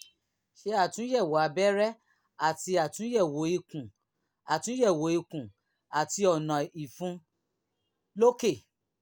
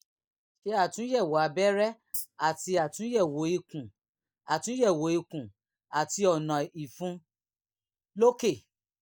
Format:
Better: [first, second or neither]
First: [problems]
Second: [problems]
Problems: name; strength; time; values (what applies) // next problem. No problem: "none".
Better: first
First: none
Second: noise reduction (neural mask model DeepFilterNet 3)